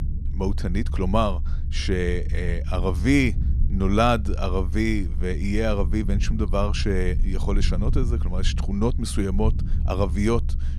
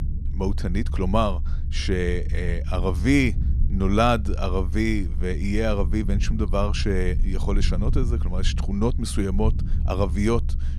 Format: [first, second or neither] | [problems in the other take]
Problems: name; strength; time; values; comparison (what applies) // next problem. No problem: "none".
neither | low rumble; noticeable; throughout; 15 dB below the speech; the same in both